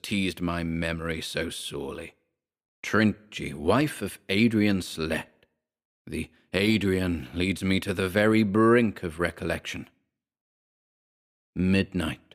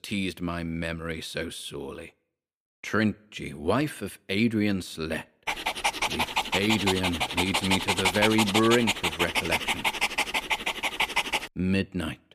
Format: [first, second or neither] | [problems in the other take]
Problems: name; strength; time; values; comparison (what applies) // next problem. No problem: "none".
first | dog barking; loud; from 5.5 to 11 s; peak 4 dB above the speech